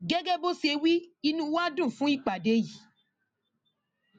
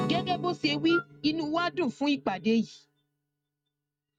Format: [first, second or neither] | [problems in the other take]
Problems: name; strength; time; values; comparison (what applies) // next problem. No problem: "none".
first | noise reduction (neural mask model RNNoise)